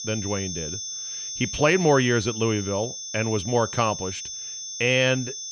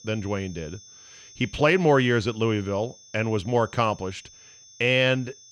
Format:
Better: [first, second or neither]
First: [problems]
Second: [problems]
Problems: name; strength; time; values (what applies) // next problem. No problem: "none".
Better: second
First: high-pitched whine; loud; throughout; 6 kHz, 7 dB below the speech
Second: high-pitched whine; faint; throughout; 6 kHz, 25 dB below the speech